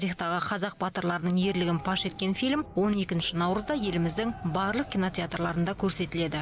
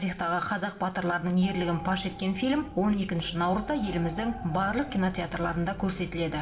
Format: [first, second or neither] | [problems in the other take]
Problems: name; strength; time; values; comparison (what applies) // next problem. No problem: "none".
first | room echo; dies away in 1.6 s